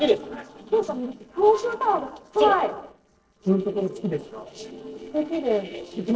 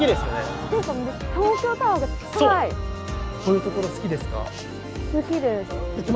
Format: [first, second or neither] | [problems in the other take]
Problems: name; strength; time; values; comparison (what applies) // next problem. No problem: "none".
second | noise reduction (neural separator model SepFormer DNS4)